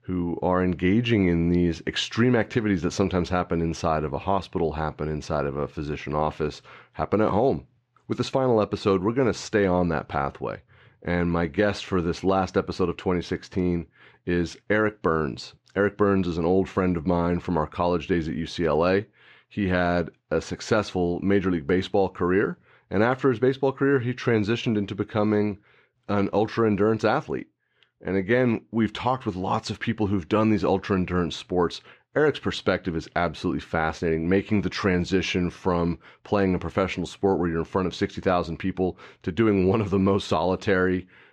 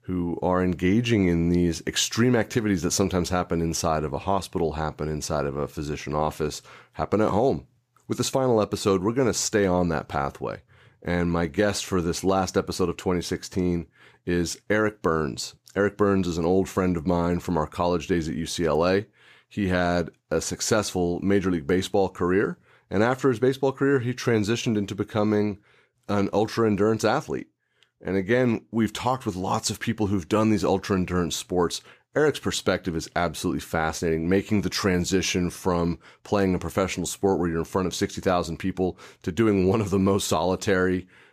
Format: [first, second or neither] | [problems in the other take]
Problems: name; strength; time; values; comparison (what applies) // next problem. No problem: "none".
second | muffled; slightly; fading above 3 kHz